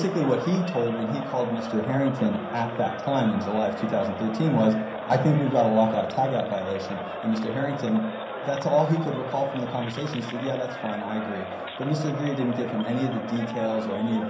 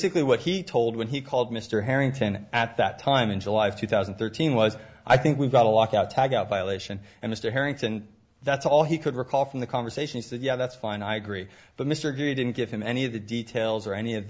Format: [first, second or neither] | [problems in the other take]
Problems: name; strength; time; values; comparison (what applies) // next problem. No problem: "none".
second | background sound (Crowd); 8 dB below the speech // room echo; dies away in 0.6 s